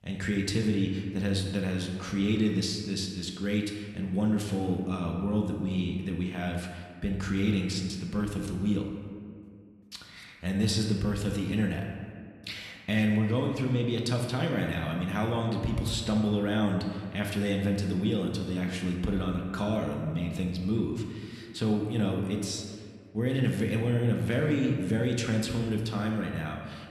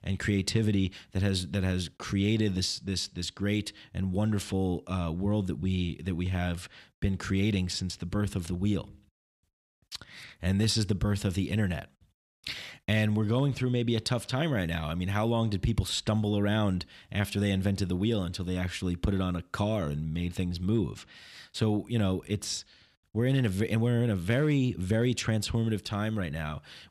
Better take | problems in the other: second | room echo; noticeable; dies away in 1.5 s

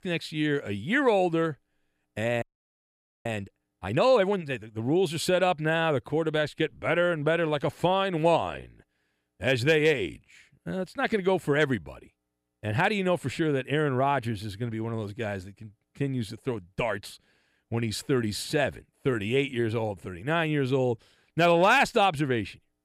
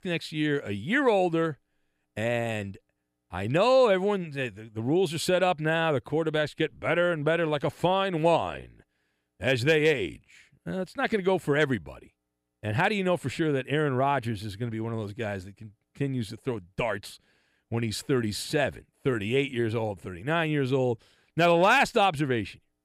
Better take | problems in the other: second | audio freezing; at 2.5 s for 1 s

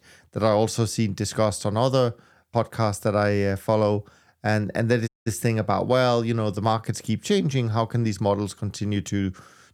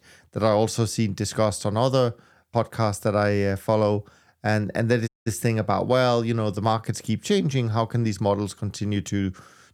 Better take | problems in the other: neither | audio cutting out; at 5 s; the same in both

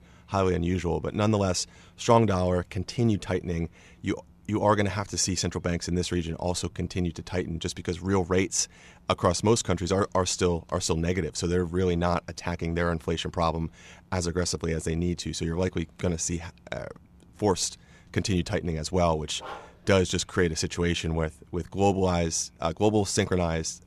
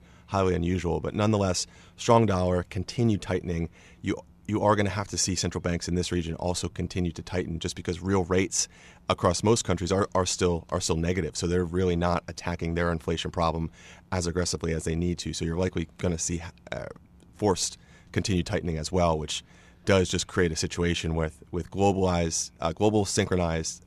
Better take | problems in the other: second | dog barking; faint; at 19 s; peak 15 dB below the speech

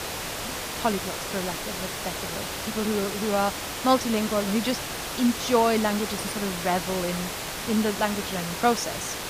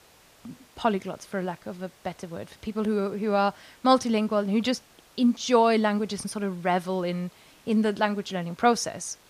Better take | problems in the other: second | hiss; loud; throughout; 4 dB below the speech; faint in the second

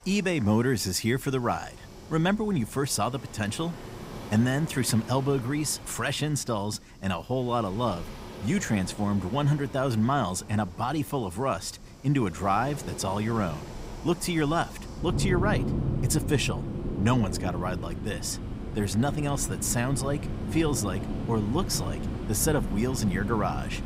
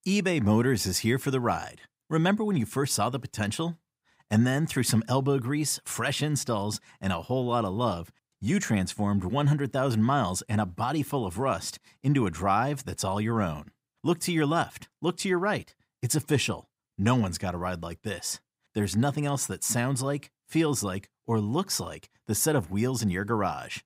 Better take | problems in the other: second | rain or running water; loud; throughout; 7 dB below the speech

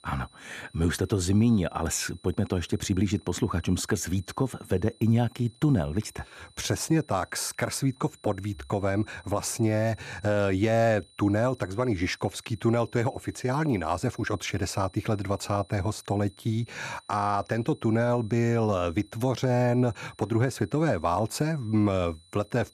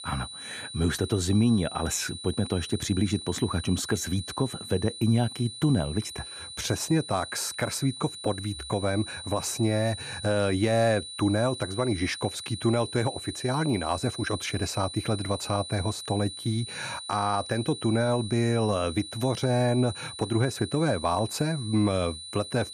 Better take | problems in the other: first | high-pitched whine; loud; throughout; 4 kHz, 10 dB below the speech; faint in the first

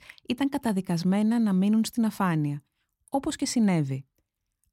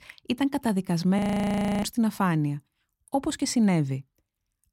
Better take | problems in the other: first | audio freezing; at 1 s for 0.5 s

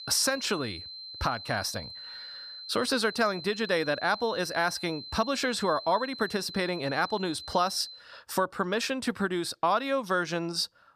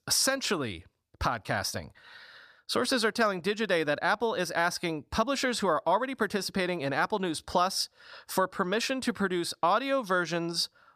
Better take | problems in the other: second | high-pitched whine; noticeable; until 8 s; 4 kHz, 10 dB below the speech

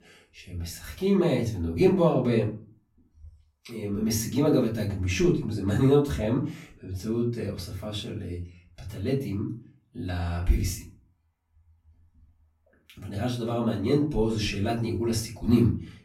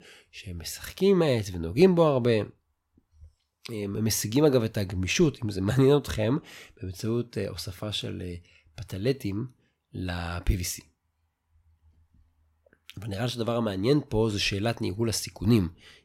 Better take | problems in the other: second | off-mic speech; far // room echo; slight; dies away in 0.4 s

